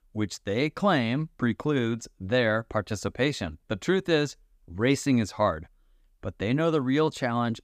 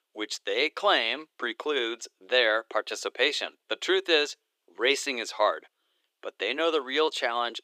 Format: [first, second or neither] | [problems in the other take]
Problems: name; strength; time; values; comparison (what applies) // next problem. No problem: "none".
first | thin; very; fading below 350 Hz